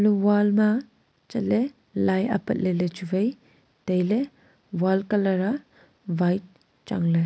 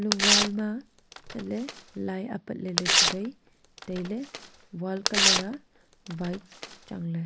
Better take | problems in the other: first | background sound (Tearing); 5 dB above the speech

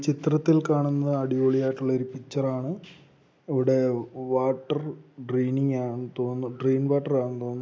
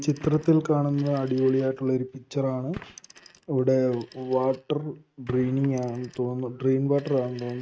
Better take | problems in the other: first | noise reduction (neural mask model RNNoise)

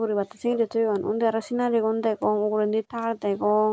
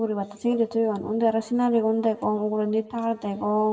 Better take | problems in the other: first | room echo; dies away in 1.7 s

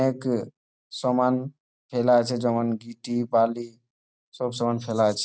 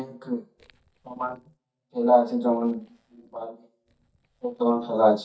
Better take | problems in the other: first | noise reduction (neural mask model DeepFilterNet 3)

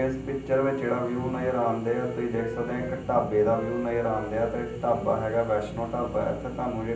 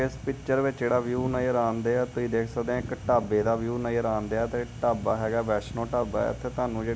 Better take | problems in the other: second | background sound (Wind instrument, woodwind instrument); 14 dB below the speech // room echo; dies away in 0.6 s

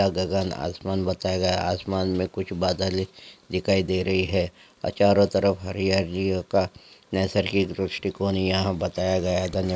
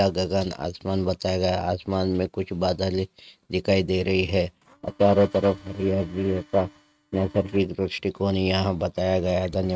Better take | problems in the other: first | noise reduction (neural mask model RNNoise)

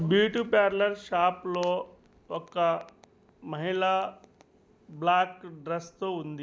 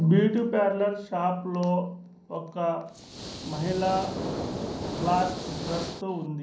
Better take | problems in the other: first | background sound (Hiss); 6 dB below the speech // room echo; dies away in 0.6 s

